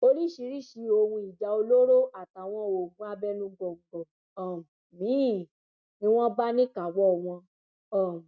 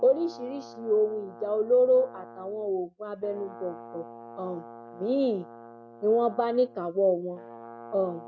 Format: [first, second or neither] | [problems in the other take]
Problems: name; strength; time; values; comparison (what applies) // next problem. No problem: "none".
first | background sound (Brass instrument); 18 dB below the speech